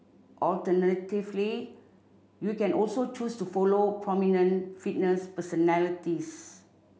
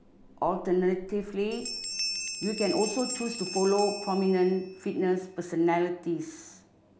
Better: first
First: none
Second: background sound (Bell); 10 dB below the speech

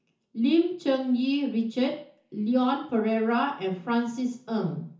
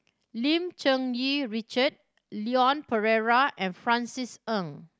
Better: second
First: room echo; dies away in 0.6 s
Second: none

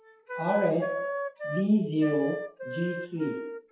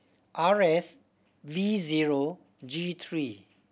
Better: second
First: noise reduction (classical method WPE with log-MMSE)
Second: none

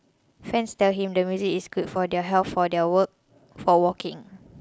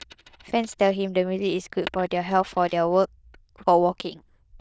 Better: first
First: none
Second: noise reduction (neural diffusion model UNIVERSE++)

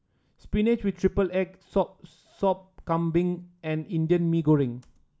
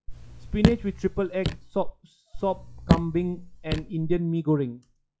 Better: first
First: none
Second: noise reduction (classical method log-MMSE)

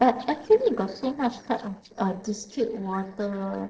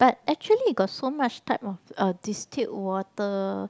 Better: second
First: noise reduction (neural separator model SepFormer DNS4)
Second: none

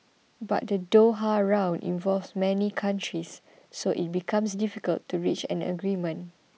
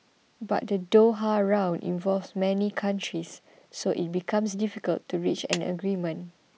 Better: first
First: none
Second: background sound (Clapping); 13 dB below the speech

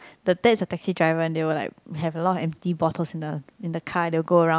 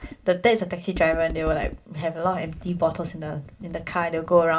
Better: first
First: none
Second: background sound (Computer keyboard); 14 dB below the speech // room echo; dies away in 0.2 s

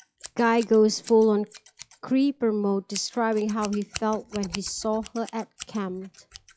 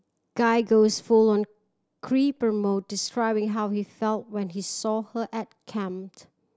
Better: second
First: noise reduction (classical method log-MMSE)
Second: none

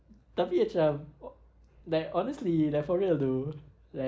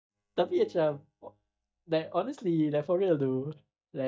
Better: first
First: none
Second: noise reduction (neural mask model DeepFilterNet 3)

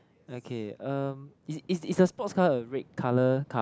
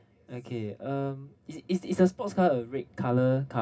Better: first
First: none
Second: room echo; dies away in 0.4 s

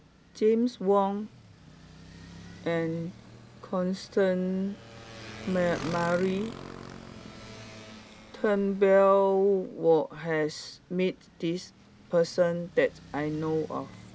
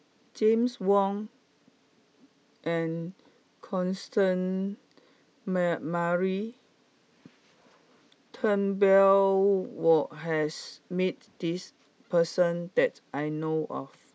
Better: second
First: background sound (Motorcycle); 17 dB below the speech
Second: none

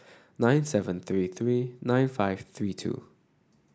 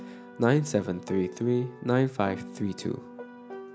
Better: first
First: none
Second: background sound (Piano); 15 dB below the speech

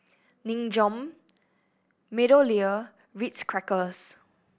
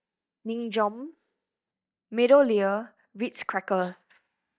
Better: first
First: none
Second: noise reduction (neural mask model DeepFilterNet 3)

